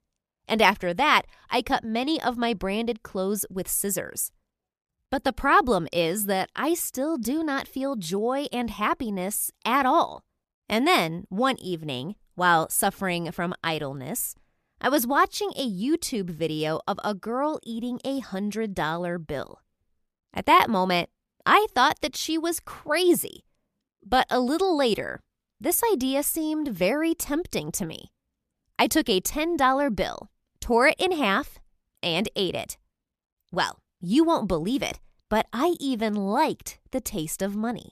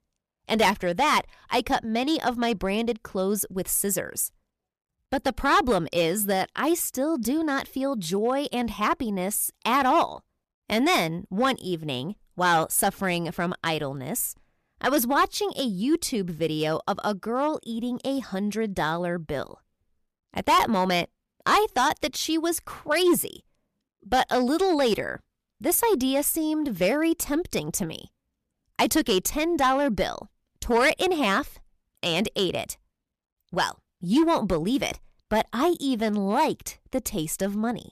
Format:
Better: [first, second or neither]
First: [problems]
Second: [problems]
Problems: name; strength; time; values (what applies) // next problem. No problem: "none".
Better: first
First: none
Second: distortion; slight; 3% of the sound clipped